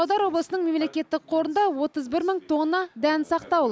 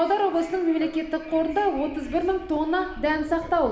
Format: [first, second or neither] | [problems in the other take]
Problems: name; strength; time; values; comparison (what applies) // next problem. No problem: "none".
first | background sound (Wind); 19 dB below the speech // room echo; dies away in 1.1 s